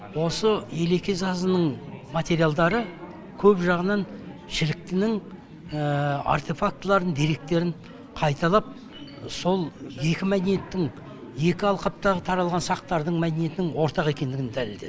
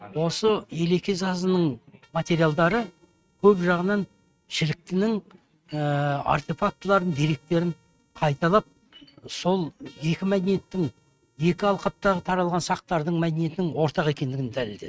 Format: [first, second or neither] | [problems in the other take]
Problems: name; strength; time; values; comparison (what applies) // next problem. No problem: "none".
first | noise reduction (neural mask model RNNoise)